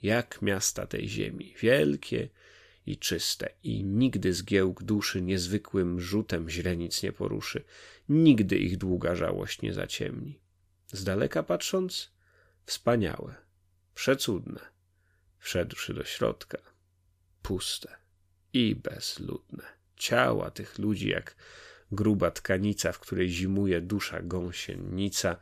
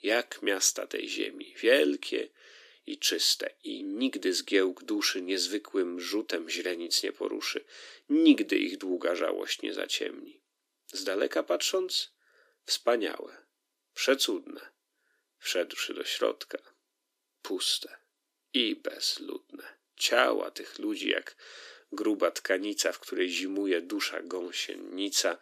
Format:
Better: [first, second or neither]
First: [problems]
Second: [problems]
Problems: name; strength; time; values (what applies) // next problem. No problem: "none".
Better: first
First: none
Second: thin; very slightly; fading below 300 Hz